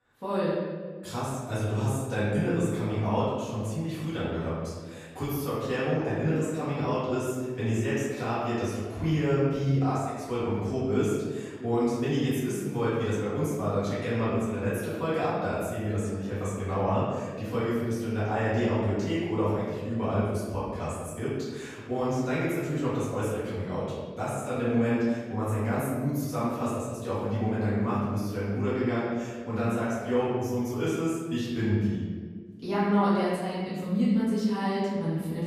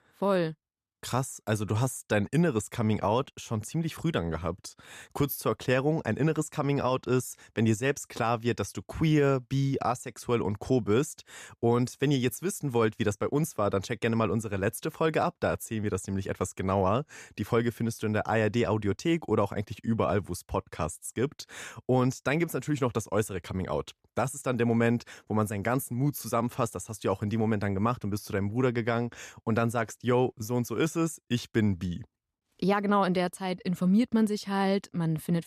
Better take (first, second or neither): second